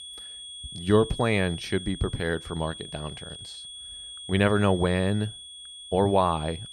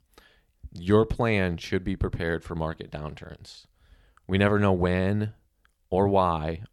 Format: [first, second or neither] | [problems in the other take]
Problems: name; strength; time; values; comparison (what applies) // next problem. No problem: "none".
second | high-pitched whine; noticeable; throughout; 3.5 kHz, 15 dB below the speech